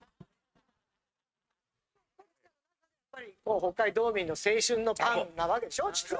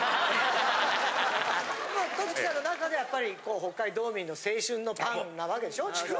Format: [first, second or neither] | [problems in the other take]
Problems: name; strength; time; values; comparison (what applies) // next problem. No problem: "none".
second | noise reduction (neural mask model RNNoise)